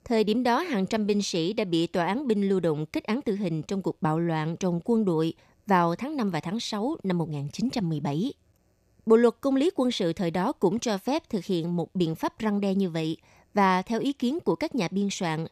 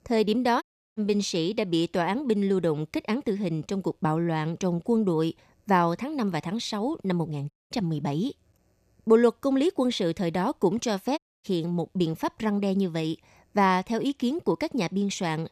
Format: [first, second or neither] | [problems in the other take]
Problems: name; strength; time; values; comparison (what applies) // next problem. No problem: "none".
first | audio cutting out; at 0.5 s, at 7.5 s and at 11 s